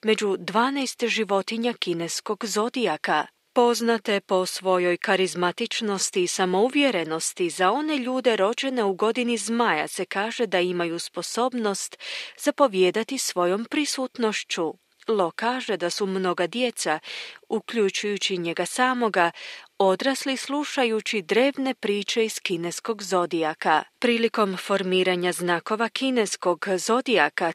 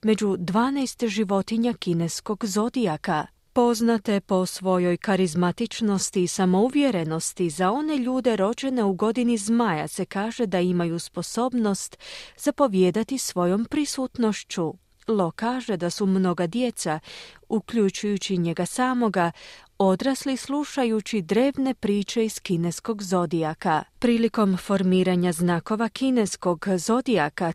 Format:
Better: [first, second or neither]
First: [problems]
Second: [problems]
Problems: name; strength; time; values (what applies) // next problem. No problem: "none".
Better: second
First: thin; somewhat; fading below 350 Hz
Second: none